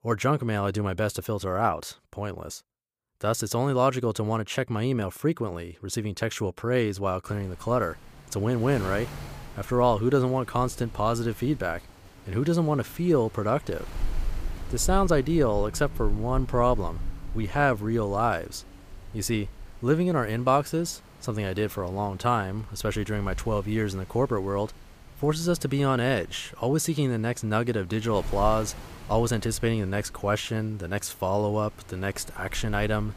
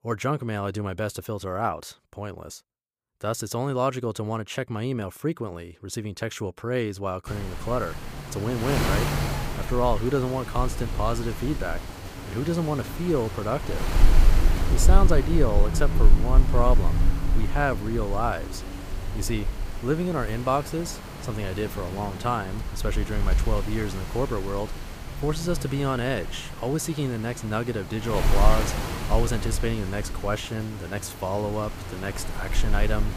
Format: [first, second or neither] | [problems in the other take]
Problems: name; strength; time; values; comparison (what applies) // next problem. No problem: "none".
first | wind noise on the microphone; heavy; from 7.5 s on; 7 dB below the speech; occasional gusts in the first